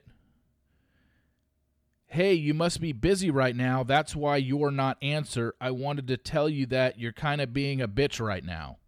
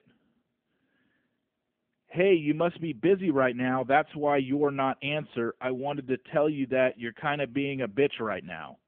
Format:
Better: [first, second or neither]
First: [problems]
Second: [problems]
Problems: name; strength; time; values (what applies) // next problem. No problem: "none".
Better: first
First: none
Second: phone-call audio; nothing above 3.5 kHz